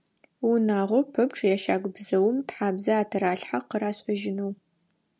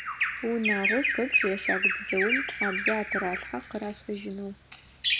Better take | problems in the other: first | background sound (Bird vocalization, bird call, bird song); 2 dB above the speech

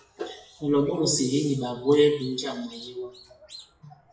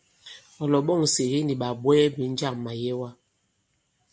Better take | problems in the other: second | noise reduction (classical method WPE with log-MMSE)

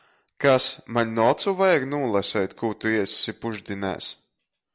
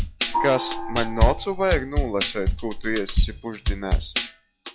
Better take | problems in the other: first | noise reduction (classical method log-MMSE)

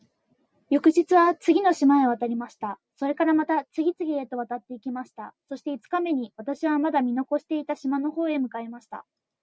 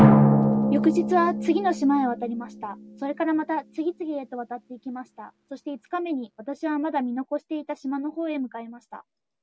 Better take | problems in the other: first | background sound (Drum); 1 dB above the speech

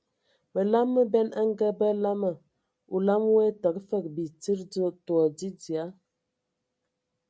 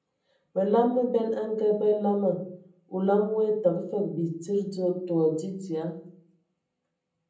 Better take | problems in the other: first | room echo; dies away in 0.6 s

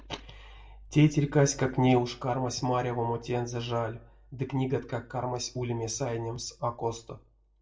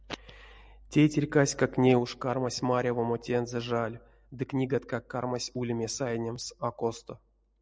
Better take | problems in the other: second | room echo; dies away in 0.3 s

